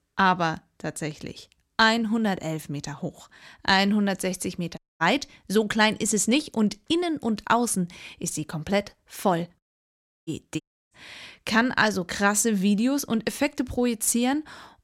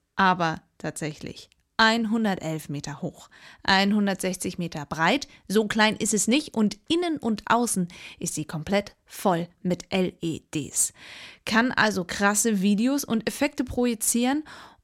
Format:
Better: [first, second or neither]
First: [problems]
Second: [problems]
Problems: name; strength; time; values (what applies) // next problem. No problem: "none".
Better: second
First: audio cutting out; at 5 s, at 9.5 s for 0.5 s and at 11 s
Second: none